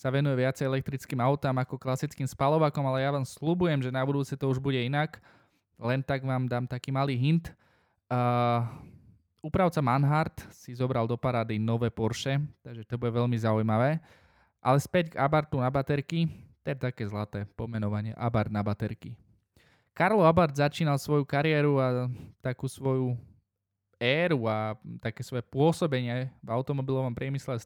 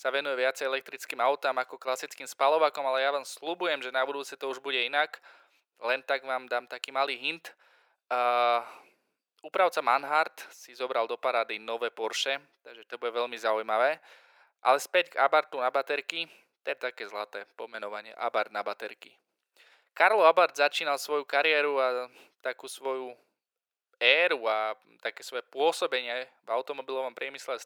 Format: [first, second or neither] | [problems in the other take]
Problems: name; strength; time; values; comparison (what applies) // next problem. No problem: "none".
first | thin; very; fading below 450 Hz